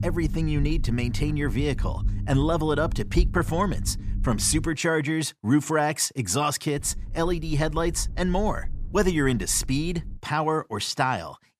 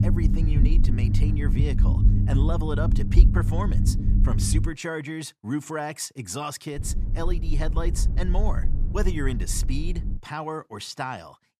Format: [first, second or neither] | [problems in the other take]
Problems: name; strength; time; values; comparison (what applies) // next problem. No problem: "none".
first | low rumble; loud; until 4.5 s and from 7 to 10 s; 6 dB below the speech; faint in the first